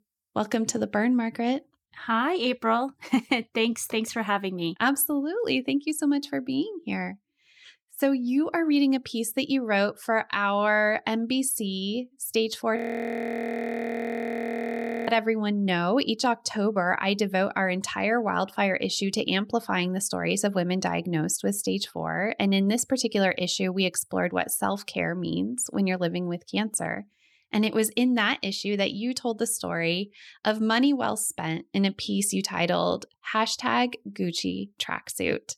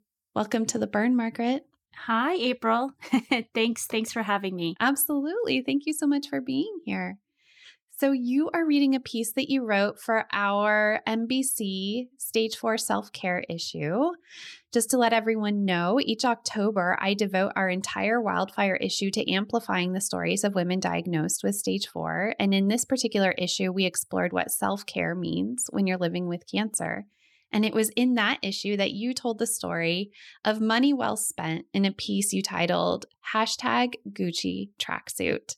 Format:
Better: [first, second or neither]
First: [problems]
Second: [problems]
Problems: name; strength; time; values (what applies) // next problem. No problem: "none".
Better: second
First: audio freezing; at 13 s for 2.5 s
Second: none